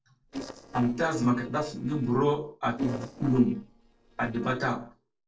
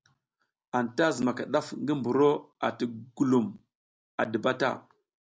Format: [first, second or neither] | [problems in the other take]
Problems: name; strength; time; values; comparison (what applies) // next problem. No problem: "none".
second | noise reduction (neural separator model SepFormer DNS4)